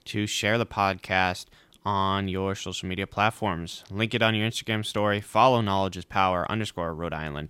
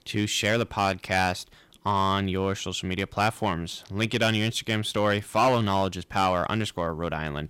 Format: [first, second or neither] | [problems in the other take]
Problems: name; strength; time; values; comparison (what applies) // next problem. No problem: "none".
first | distortion; slight; 4% of the sound clipped